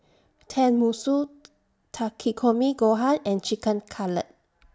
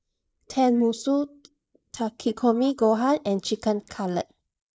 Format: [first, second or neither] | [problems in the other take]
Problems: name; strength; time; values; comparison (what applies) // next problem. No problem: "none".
first | noise reduction (neural mask model Resemble Enhance denoiser)